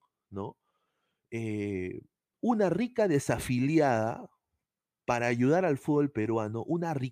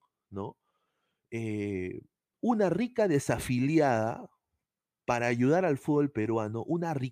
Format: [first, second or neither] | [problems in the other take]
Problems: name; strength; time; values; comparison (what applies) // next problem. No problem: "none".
neither | none